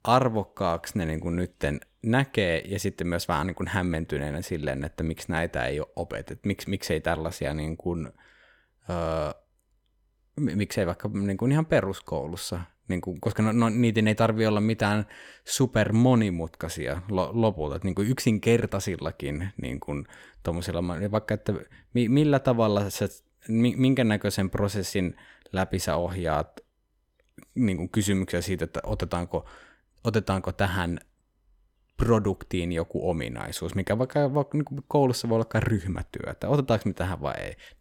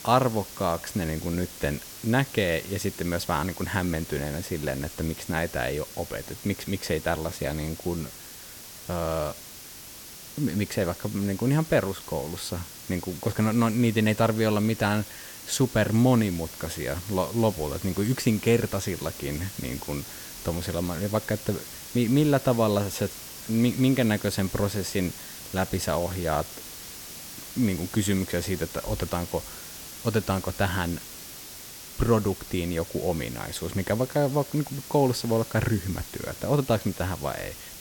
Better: first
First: none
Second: hiss; noticeable; throughout; 10 dB below the speech

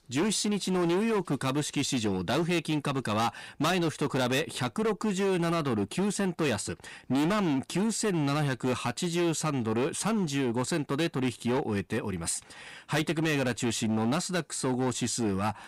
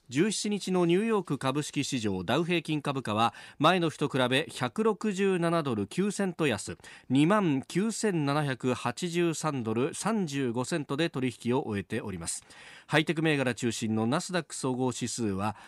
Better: second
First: distortion; heavy; 18% of the sound clipped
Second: none

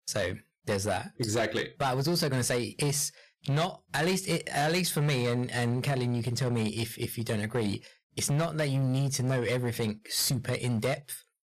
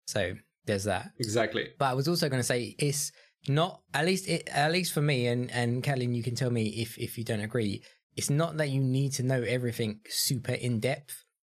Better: second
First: distortion; slight; 12% of the sound clipped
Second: none

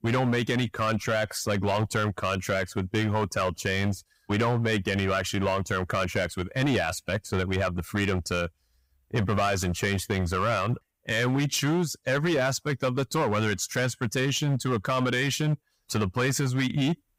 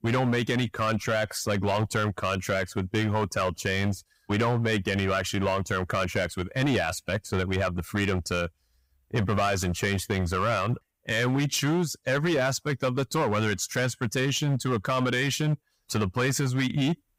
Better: neither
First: distortion; slight; 11% of the sound clipped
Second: distortion; slight; 11% of the sound clipped

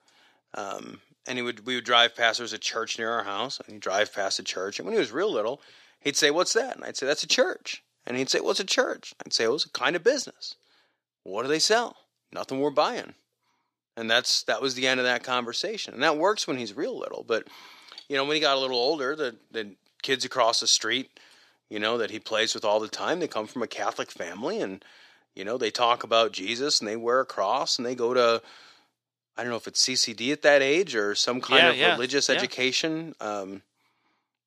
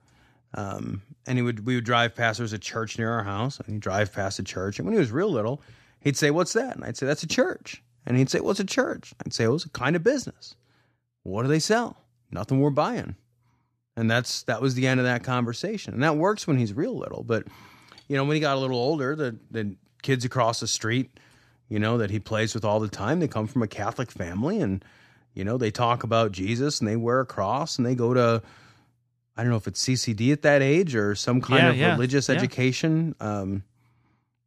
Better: second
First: thin; somewhat; fading below 450 Hz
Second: none

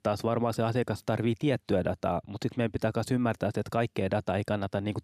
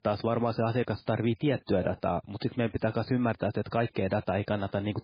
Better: first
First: none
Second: garbled, watery; badly; nothing above 4.5 kHz

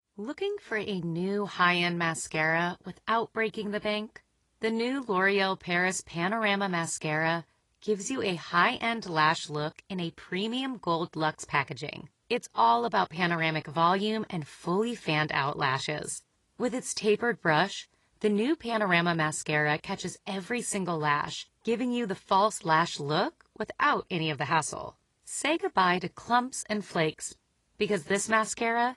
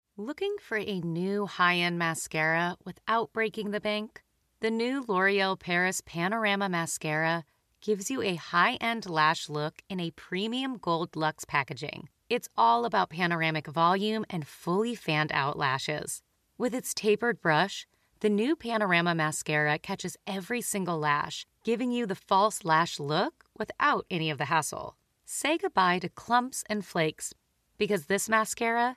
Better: second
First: garbled, watery; slightly; nothing above 10 kHz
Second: none

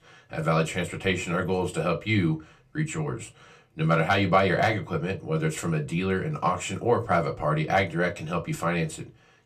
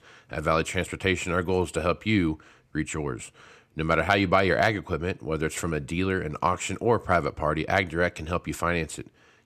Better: second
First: off-mic speech; somewhat distant // room echo; very slight; dies away in 0.2 s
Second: none

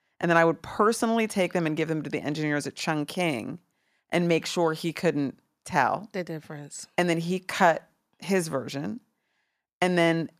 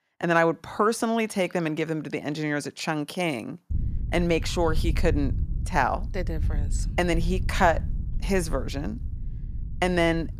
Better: first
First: none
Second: wind noise on the microphone; occasional gusts; from 3.5 s on; 20 dB below the speech

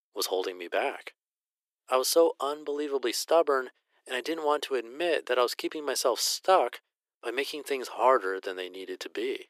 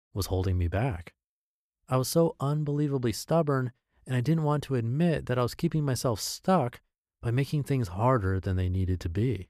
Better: second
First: thin; very; fading below 350 Hz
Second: none

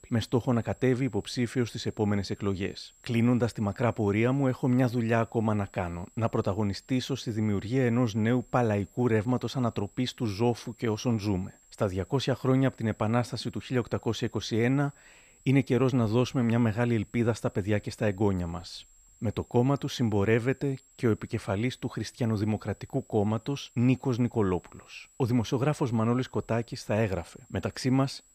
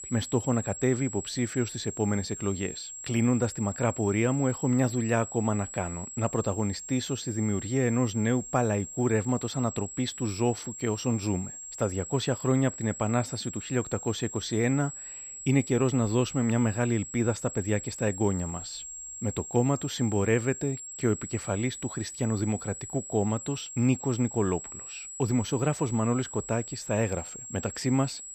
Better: first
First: high-pitched whine; faint; throughout; 7.5 kHz, 30 dB below the speech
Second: high-pitched whine; loud; throughout; 7.5 kHz, 10 dB below the speech

